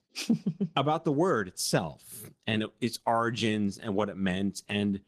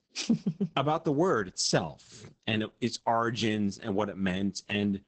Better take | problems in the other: first | garbled, watery; badly; nothing above 8 kHz; slightly in the first

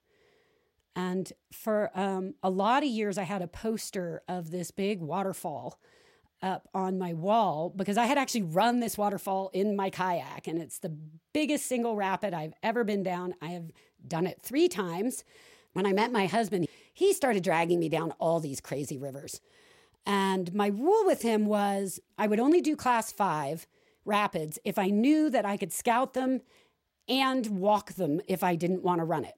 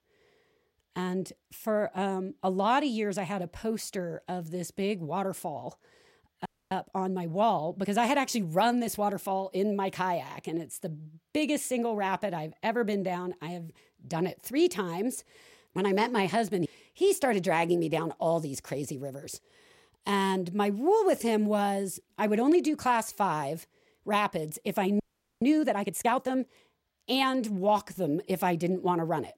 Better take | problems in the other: first | audio freezing; at 6.5 s and at 25 s

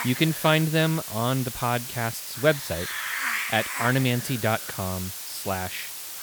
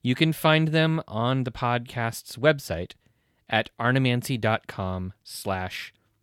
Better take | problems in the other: second | hiss; loud; throughout; 5 dB below the speech

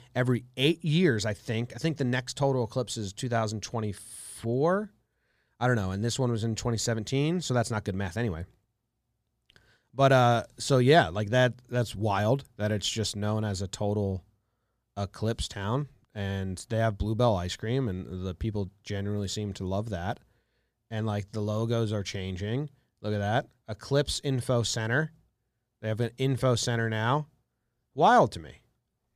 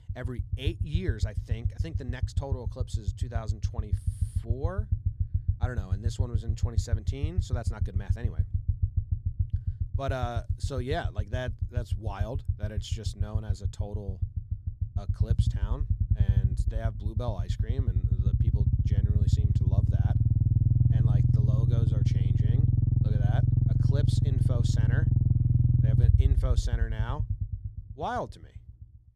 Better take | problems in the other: first | low rumble; loud; throughout; 1 dB below the speech

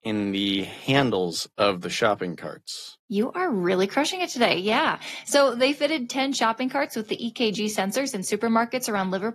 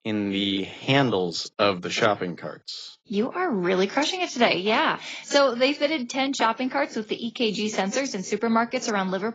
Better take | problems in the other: first | garbled, watery; badly; nothing above 7.5 kHz; slightly in the first

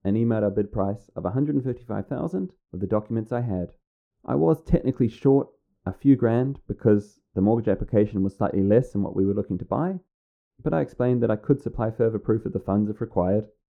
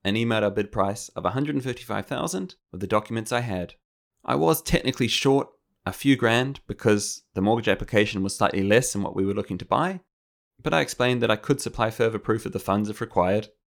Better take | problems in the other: second | muffled; very; fading above 1 kHz

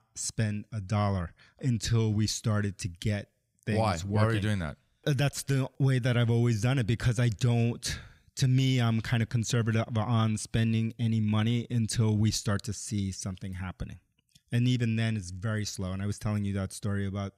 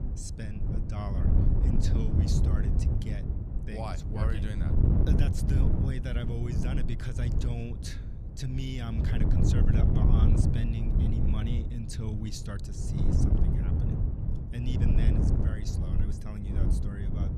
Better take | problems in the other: first | wind noise on the microphone; heavy; 2 dB above the speech

